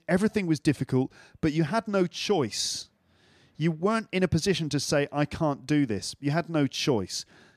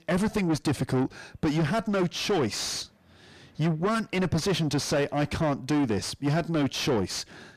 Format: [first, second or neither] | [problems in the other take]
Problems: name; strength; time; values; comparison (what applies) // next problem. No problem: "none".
first | distortion; heavy; 6 dB below the speech